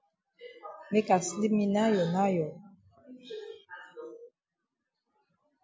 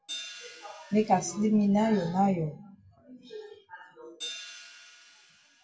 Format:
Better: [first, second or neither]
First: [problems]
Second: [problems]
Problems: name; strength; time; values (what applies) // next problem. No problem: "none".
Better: first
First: none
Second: background sound (Hi-hat); 17 dB below the speech // room echo; dies away in 0.2 s